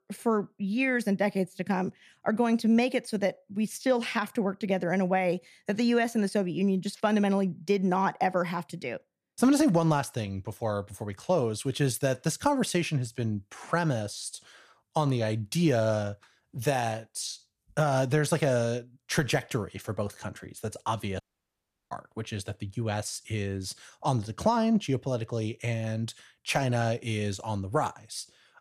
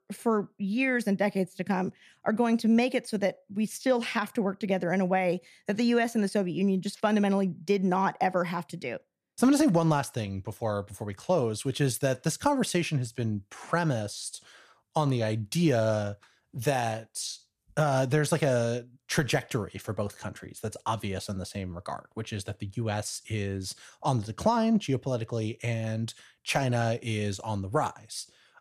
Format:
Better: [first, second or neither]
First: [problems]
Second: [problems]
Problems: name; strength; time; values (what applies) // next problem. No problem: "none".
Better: second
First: audio cutting out; at 21 s for 0.5 s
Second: none